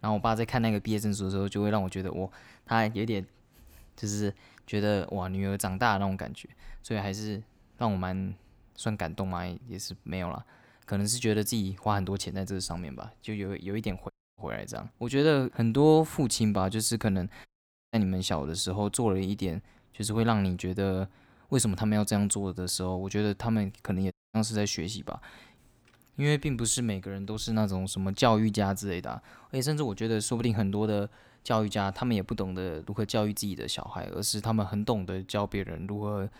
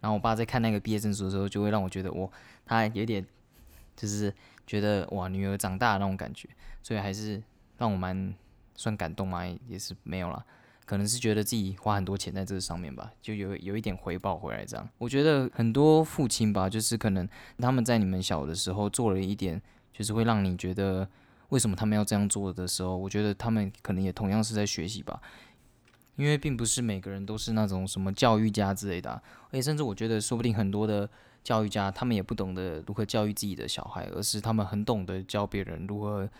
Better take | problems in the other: second | audio cutting out; at 14 s, at 17 s and at 24 s

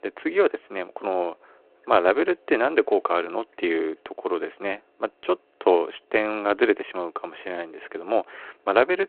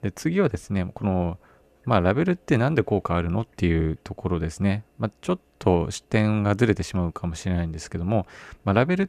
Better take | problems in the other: second | phone-call audio

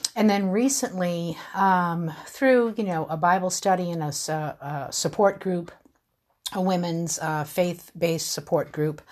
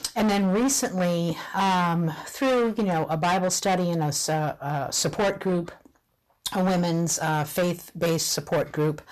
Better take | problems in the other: first | distortion; heavy; 16% of the sound clipped

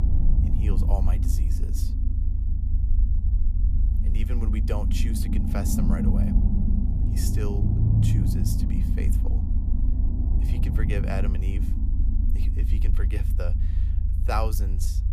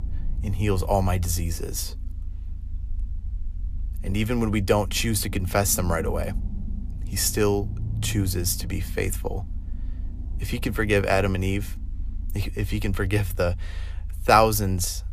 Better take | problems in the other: second | low rumble; loud; throughout; 2 dB below the speech; faint in the second

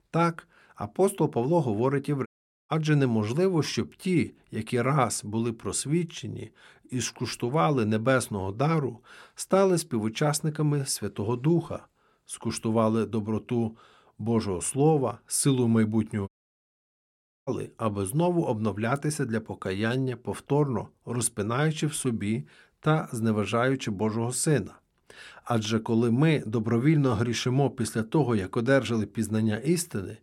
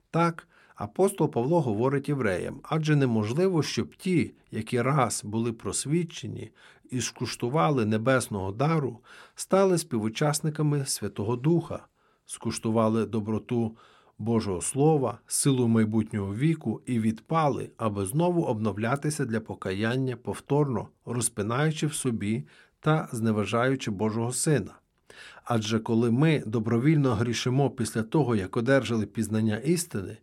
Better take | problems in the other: second | audio cutting out; at 2.5 s and at 16 s for 1 s

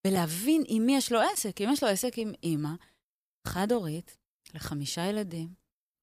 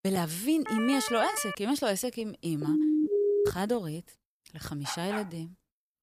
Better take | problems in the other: first | siren; noticeable; at 0.5 s; peak 4 dB below the speech // siren; loud; at 2.5 s; peak 5 dB above the speech // dog barking; noticeable; at 5 s; peak 8 dB below the speech

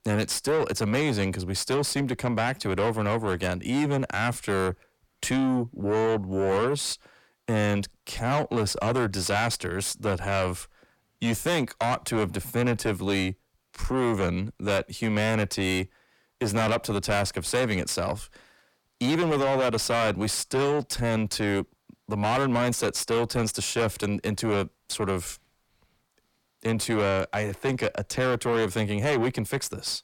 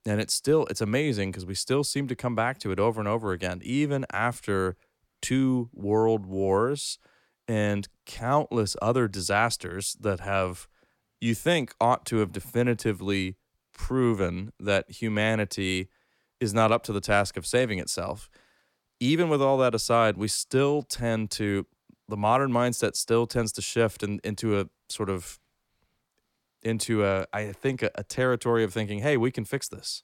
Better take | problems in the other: second | distortion; heavy; 7 dB below the speech

